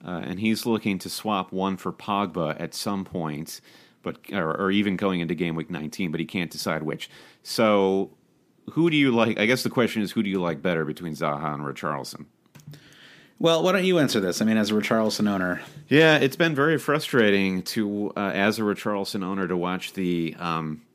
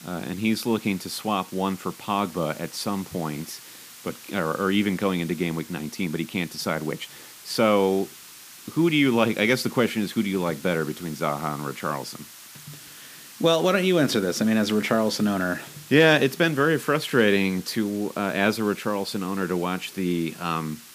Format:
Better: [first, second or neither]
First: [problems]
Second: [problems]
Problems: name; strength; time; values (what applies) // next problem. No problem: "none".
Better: first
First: none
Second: hiss; noticeable; throughout; 20 dB below the speech